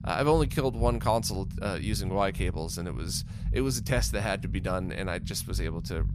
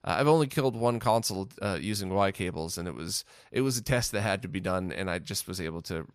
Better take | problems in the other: second | low rumble; noticeable; throughout; 20 dB below the speech

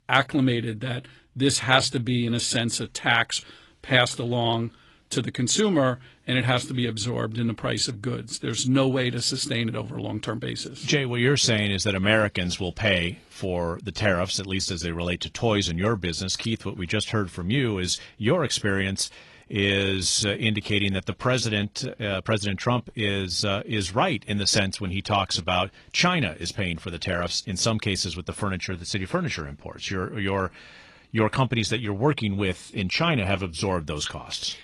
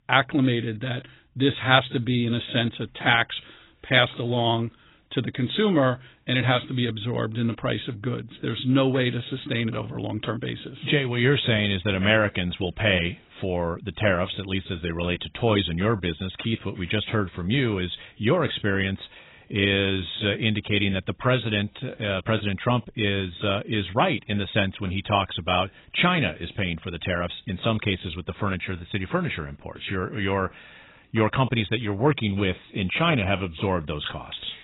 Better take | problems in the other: first | garbled, watery; badly; nothing above 4 kHz; slightly in the first

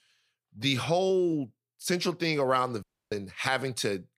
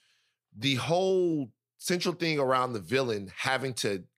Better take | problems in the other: second | audio cutting out; at 3 s

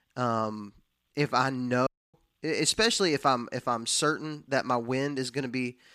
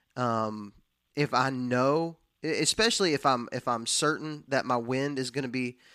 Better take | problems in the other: second | audio cutting out; at 2 s

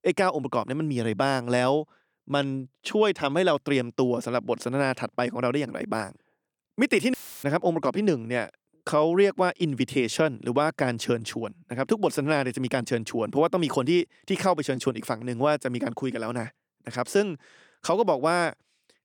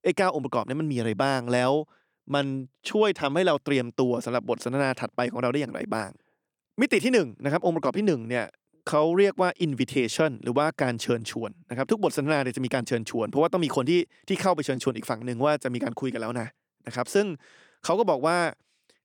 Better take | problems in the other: second | audio cutting out; filled with static; at 7 s

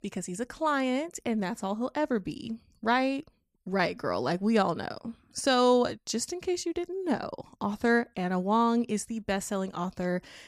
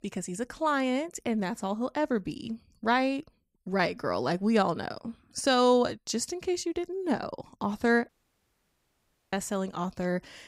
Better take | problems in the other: first | audio cutting out; at 8 s for 1 s

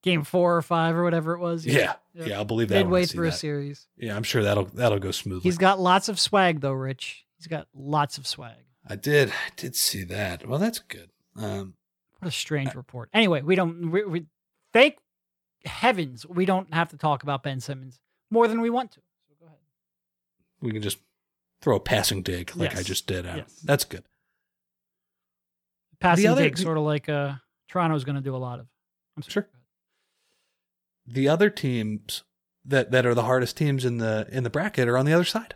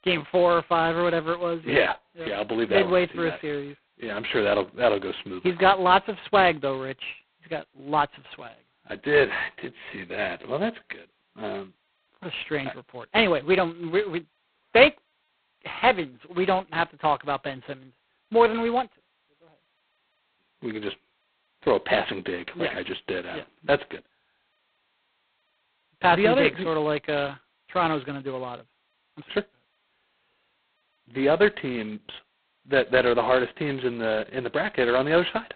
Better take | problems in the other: first | phone-call audio; poor line; nothing above 4 kHz

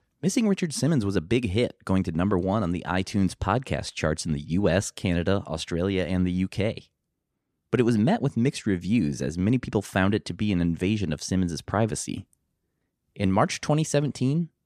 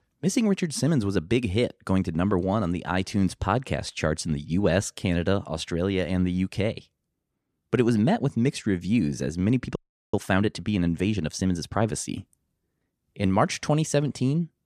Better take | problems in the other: first | audio freezing; at 10 s

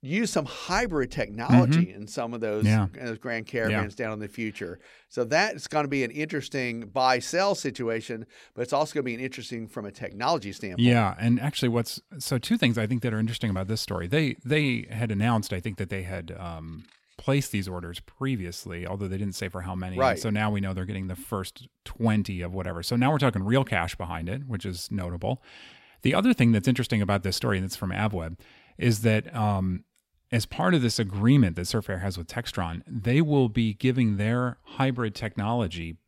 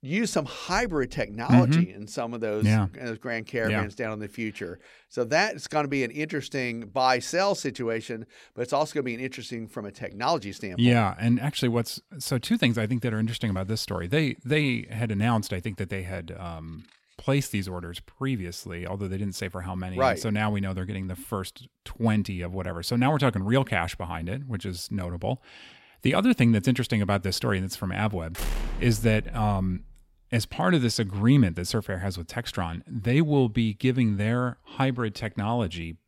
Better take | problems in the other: first | door banging; noticeable; from 28 to 30 s; peak 6 dB below the speech

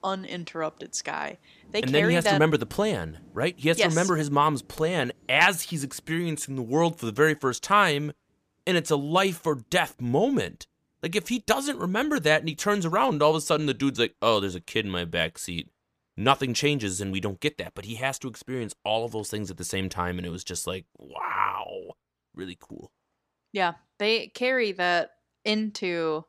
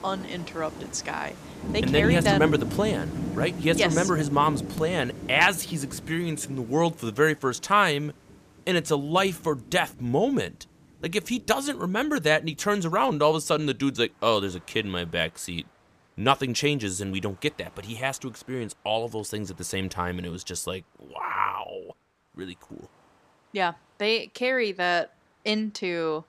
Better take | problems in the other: first | rain or running water; loud; throughout; 7 dB below the speech; faint in the first

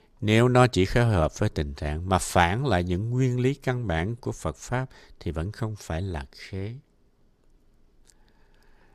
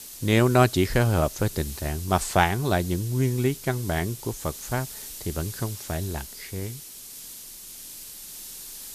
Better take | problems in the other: first | hiss; noticeable; throughout; 10 dB below the speech

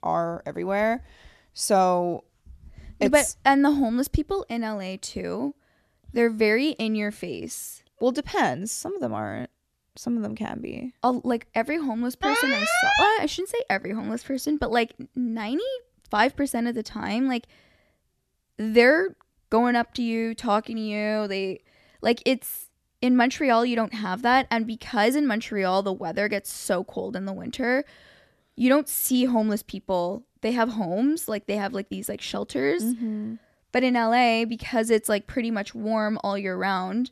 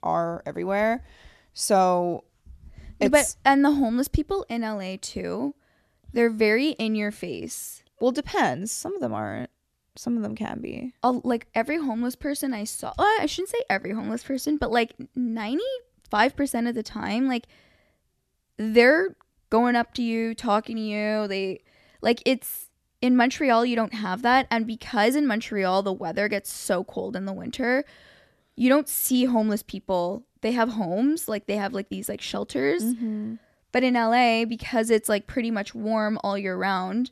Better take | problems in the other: second | alarm; loud; at 12 s; peak 5 dB above the speech

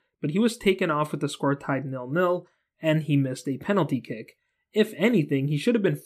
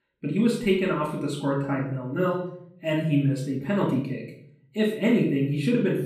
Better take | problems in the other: first | off-mic speech; far // room echo; slight; dies away in 0.6 s

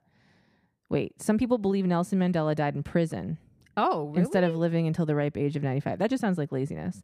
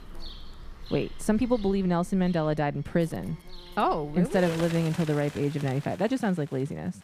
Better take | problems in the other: first | animal sounds; noticeable; throughout; 15 dB below the speech

